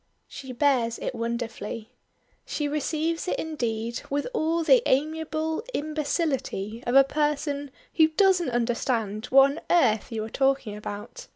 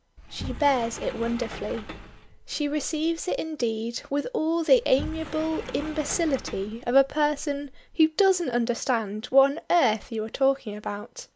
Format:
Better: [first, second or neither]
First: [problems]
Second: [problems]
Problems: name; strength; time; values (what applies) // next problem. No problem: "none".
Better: first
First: none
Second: background sound (Sliding door); 14 dB below the speech